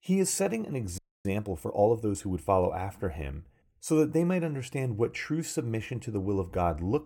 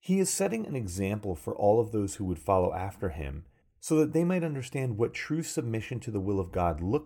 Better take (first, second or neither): second